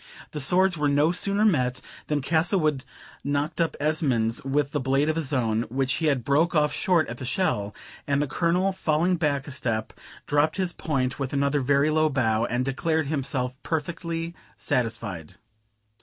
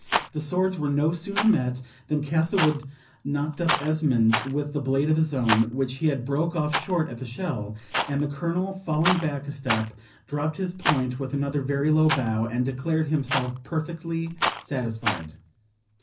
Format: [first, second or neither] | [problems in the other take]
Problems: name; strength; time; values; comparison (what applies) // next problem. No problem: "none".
first | background sound (Rattle); 7 dB below the speech // room echo; dies away in 0.4 s